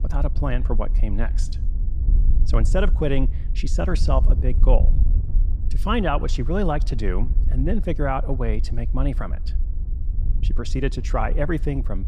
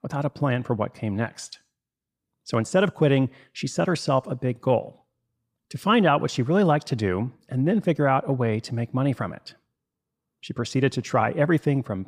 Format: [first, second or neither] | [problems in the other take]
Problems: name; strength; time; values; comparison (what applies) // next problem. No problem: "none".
second | wind noise on the microphone; occasional gusts; 15 dB below the speech